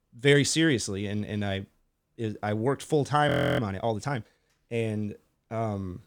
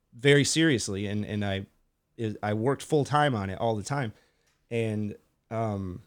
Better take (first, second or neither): second